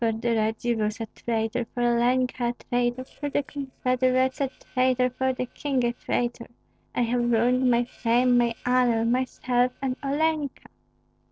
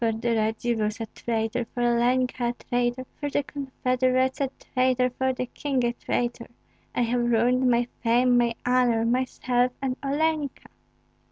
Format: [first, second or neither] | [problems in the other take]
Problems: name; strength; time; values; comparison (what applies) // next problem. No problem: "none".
second | noise reduction (neural separator model SepFormer DNS4)